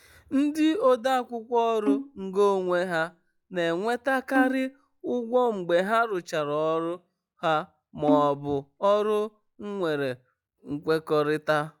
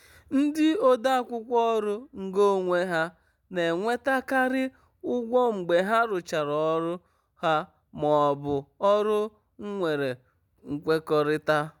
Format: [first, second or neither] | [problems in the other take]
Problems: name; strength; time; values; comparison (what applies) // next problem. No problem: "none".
second | noise reduction (classical method log-MMSE)